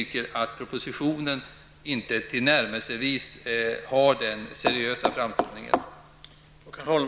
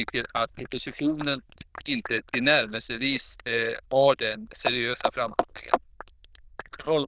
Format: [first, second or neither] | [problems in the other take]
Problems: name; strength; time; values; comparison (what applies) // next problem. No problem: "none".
first | noise reduction (neural diffusion model UNIVERSE++)